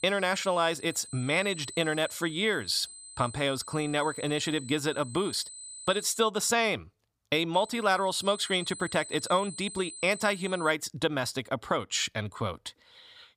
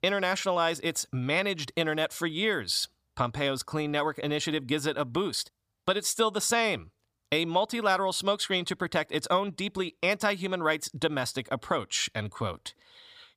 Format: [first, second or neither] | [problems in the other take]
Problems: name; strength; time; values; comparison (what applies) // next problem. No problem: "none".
second | high-pitched whine; noticeable; until 6 s and from 7.5 to 11 s; 8 kHz, 15 dB below the speech